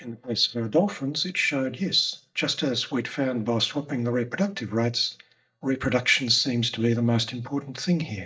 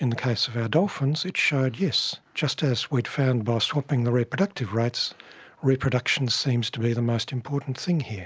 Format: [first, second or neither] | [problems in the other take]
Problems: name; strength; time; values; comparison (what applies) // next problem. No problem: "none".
second | noise reduction (neural mask model DeepFilterNet 3)